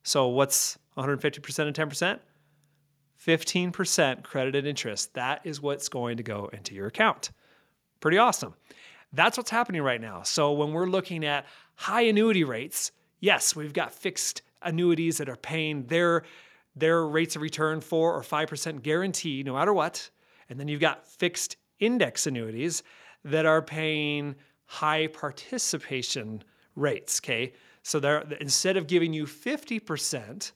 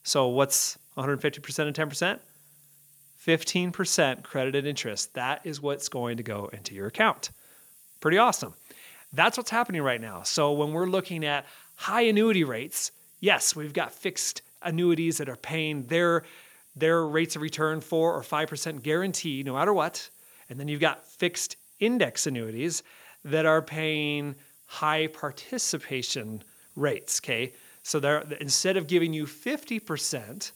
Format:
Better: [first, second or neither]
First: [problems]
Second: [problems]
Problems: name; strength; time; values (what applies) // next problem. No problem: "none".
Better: first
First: none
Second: hiss; faint; throughout; 25 dB below the speech